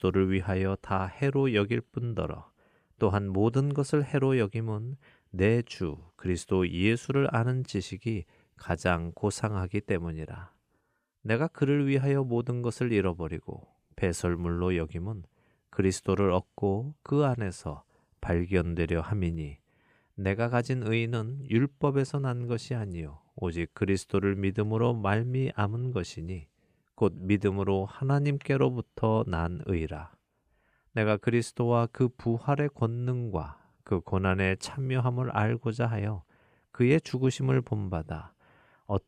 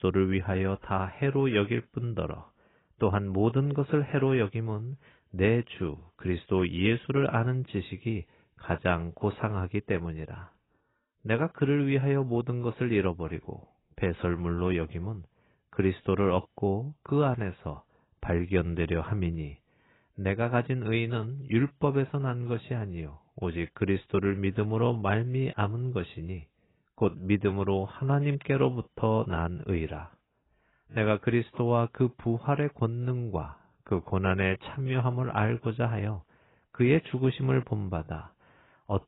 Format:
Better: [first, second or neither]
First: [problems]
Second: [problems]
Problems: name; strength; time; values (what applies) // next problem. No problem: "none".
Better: first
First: none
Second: garbled, watery; badly; nothing above 4 kHz